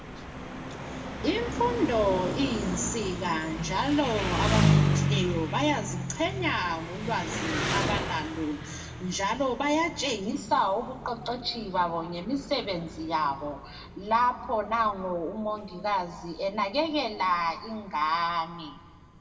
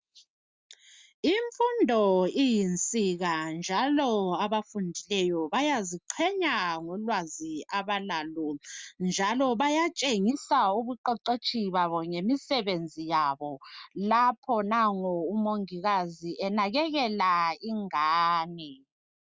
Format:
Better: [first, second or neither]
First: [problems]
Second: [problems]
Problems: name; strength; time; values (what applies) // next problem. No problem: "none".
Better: second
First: background sound (Engine); 3 dB below the speech // room echo; dies away in 1.2 s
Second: none